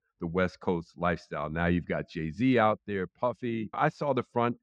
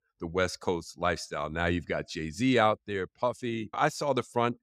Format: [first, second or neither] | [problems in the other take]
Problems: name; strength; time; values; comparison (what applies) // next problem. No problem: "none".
second | muffled; slightly; fading above 2.5 kHz